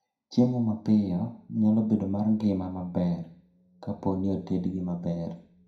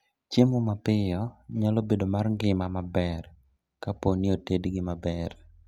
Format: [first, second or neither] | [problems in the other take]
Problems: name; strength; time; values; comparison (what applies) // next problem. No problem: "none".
second | room echo; dies away in 0.5 s